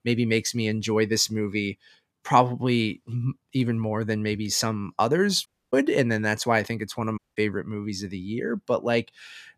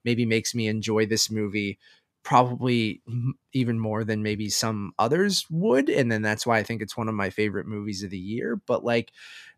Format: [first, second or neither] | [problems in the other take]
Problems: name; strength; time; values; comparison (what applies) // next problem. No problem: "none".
second | audio cutting out; at 5.5 s and at 7 s